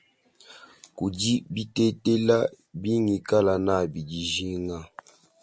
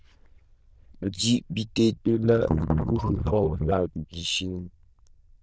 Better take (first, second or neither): first